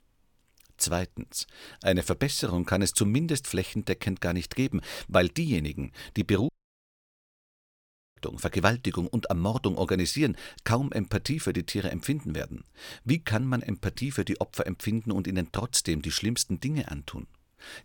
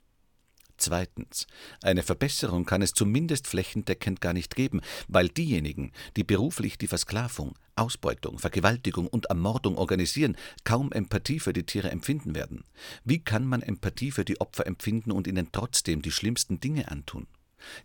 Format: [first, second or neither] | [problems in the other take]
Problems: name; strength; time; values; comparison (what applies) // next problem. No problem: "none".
second | audio cutting out; at 6.5 s for 1.5 s